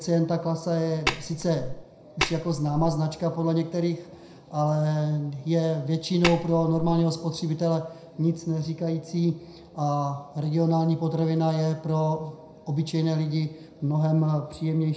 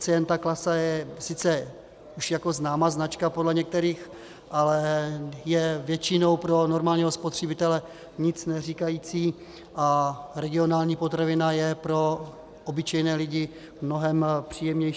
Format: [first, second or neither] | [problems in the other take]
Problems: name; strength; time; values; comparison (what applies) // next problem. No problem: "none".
second | background sound (Tap); 6 dB below the speech // room echo; dies away in 0.5 s